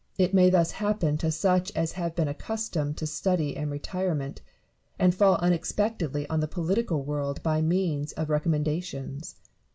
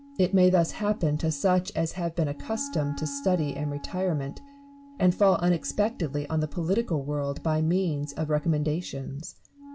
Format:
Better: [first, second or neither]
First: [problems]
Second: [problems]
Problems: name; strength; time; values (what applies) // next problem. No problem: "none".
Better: first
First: none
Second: background sound (Wind instrument, woodwind instrument); 19 dB below the speech